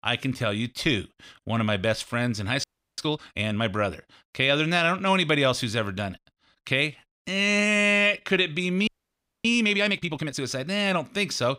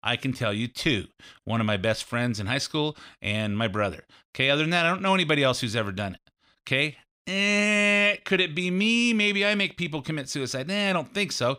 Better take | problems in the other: second | audio freezing; at 2.5 s and at 9 s for 0.5 s

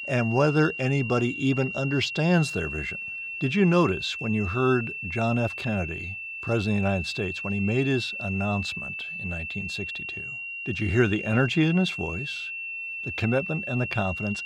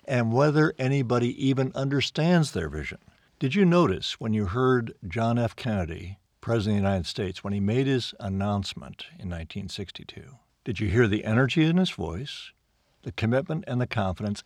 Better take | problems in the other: second | high-pitched whine; loud; throughout; 2.5 kHz, 6 dB below the speech

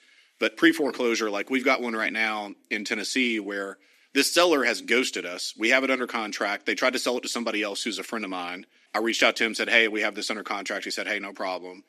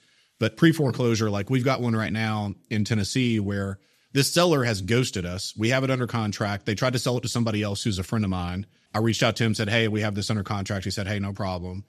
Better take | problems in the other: second | thin; somewhat; fading below 250 Hz

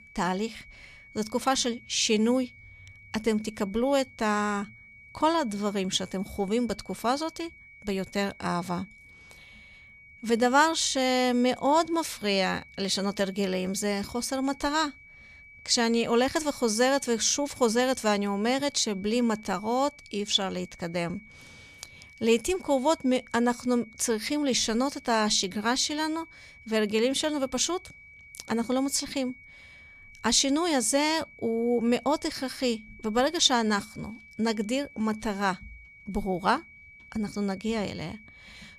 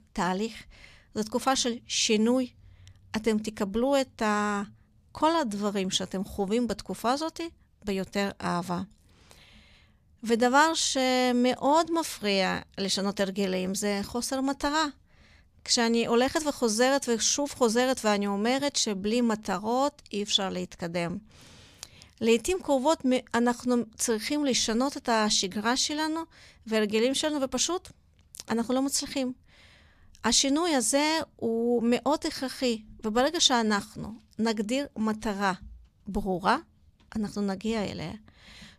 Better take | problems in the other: second | high-pitched whine; faint; throughout; 2.5 kHz, 20 dB below the speech

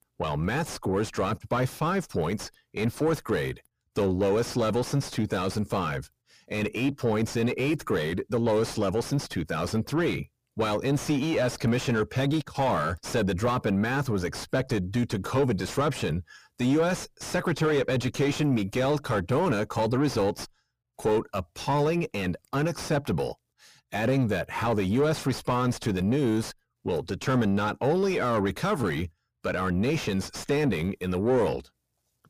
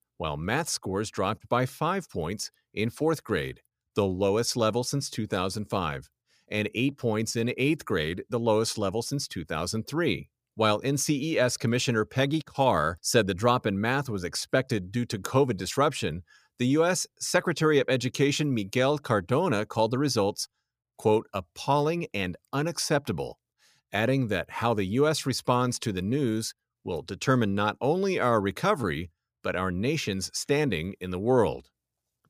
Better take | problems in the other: second | distortion; heavy; 6 dB below the speech

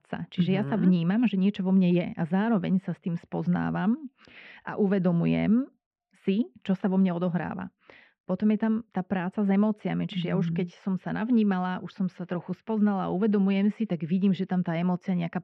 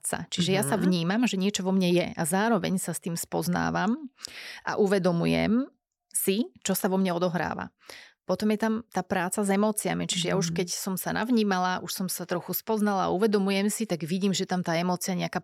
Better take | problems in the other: second | muffled; very; fading above 3 kHz

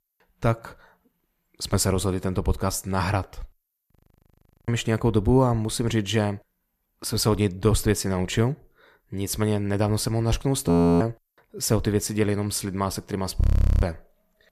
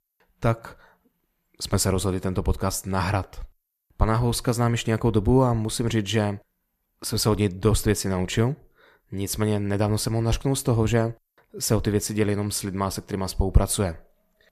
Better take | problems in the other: second | audio freezing; at 4 s for 1 s, at 11 s and at 13 s

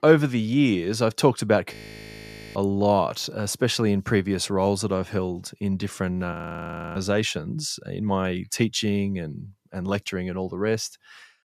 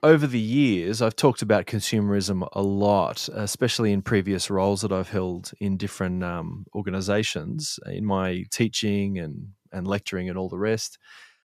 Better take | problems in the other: second | audio freezing; at 1.5 s for 1 s and at 6.5 s for 0.5 s

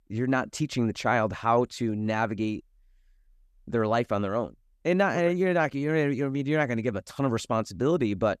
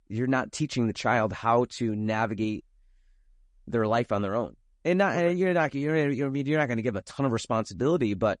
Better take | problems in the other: first | garbled, watery; slightly

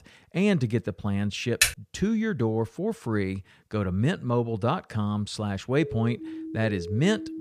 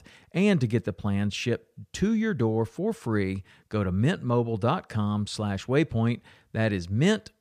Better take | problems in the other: second | keyboard typing; loud; at 1.5 s; peak 4 dB above the speech // siren; noticeable; from 6 s on; peak 10 dB below the speech

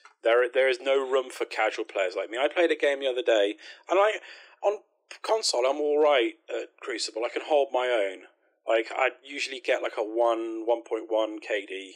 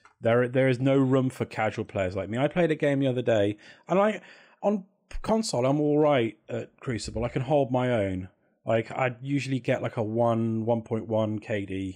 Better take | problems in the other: second | thin; very; fading below 350 Hz

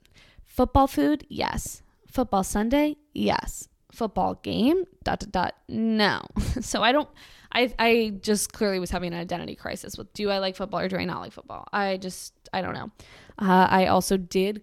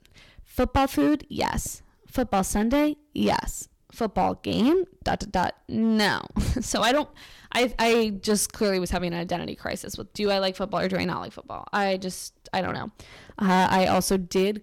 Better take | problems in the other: first | distortion; slight; 6% of the sound clipped

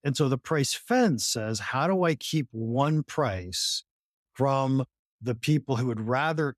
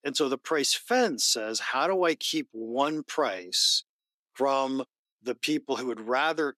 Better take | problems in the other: first | thin; somewhat; fading below 300 Hz

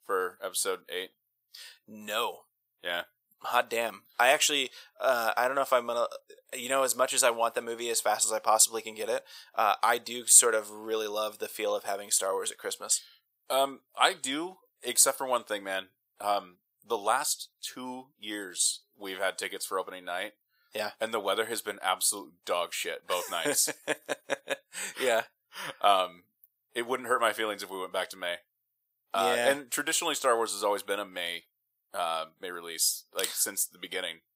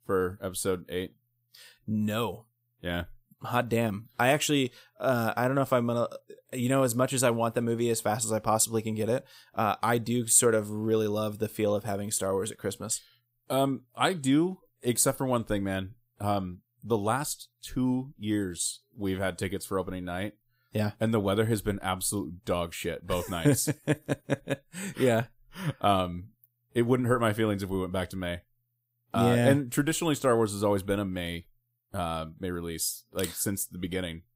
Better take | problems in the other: second | thin; very; fading below 700 Hz

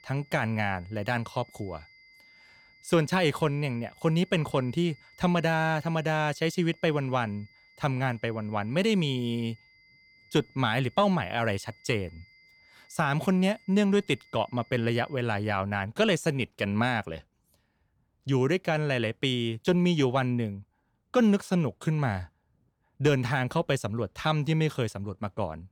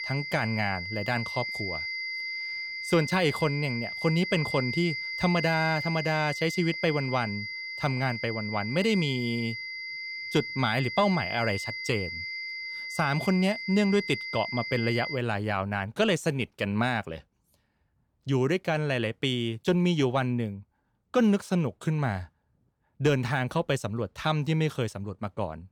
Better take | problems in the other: first | high-pitched whine; loud; until 15 s; 2 kHz, 5 dB below the speech; faint in the first

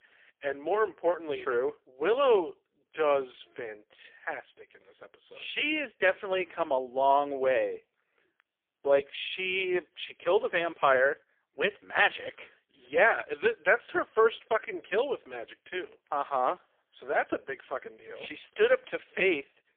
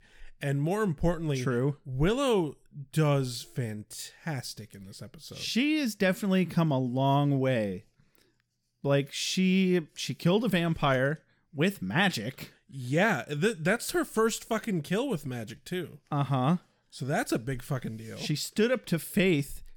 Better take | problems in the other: second | phone-call audio; poor line; nothing above 3.5 kHz

